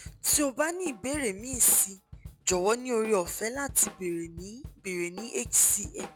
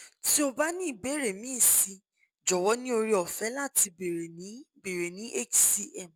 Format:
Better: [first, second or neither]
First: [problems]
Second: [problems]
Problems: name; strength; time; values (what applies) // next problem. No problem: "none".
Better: second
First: background sound (Drum kit); 17 dB below the speech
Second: none